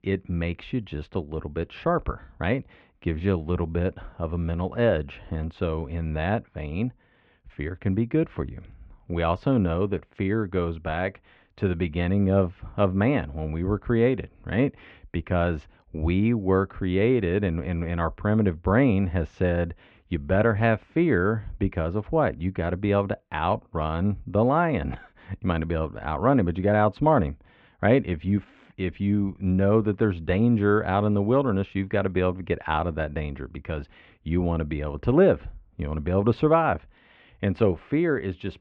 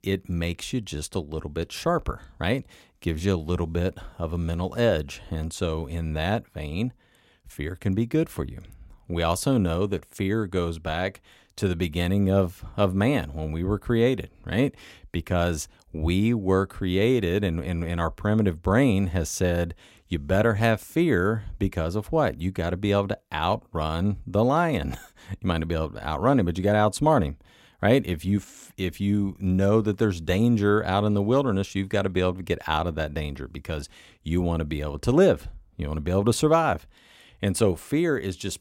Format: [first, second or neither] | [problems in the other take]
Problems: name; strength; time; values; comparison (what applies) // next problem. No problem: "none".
second | muffled; very; fading above 2.5 kHz